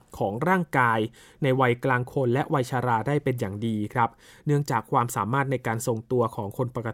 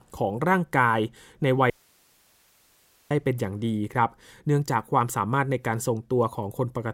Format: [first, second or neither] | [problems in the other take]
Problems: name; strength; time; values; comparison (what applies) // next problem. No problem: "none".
first | audio cutting out; at 1.5 s for 1.5 s